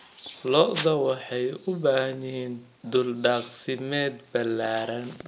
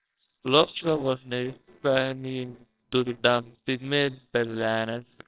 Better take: first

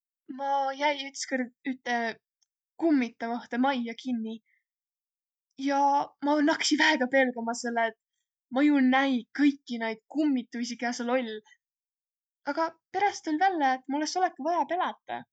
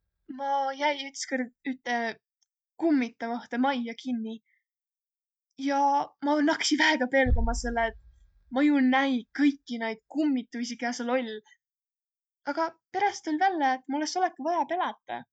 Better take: first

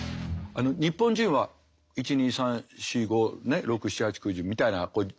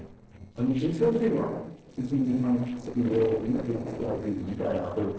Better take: first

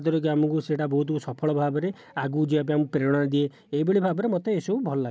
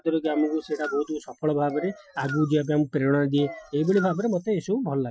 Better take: first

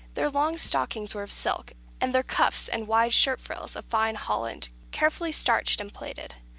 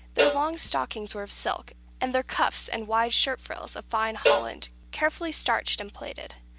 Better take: first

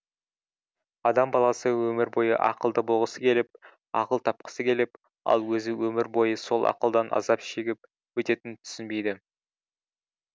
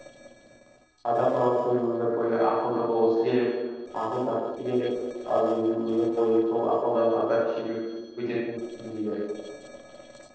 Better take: first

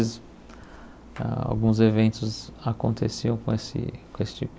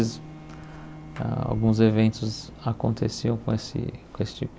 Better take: first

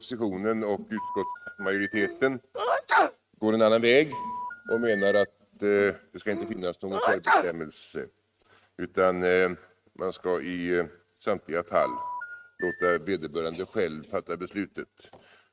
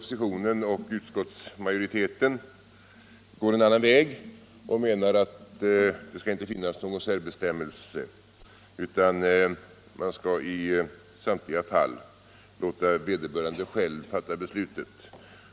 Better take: second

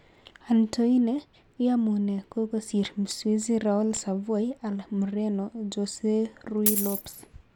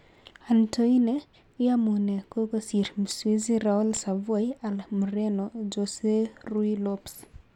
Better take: second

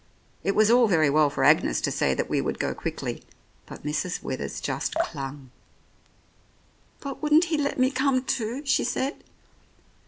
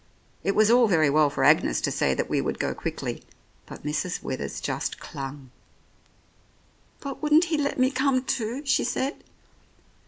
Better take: second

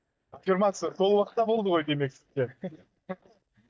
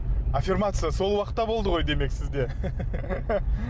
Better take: second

